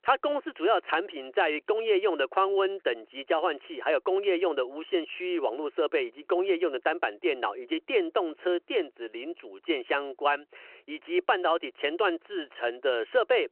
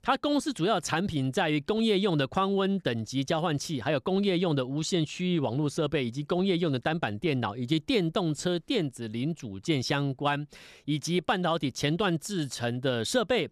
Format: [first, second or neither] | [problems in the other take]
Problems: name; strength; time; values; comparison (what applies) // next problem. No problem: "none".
second | phone-call audio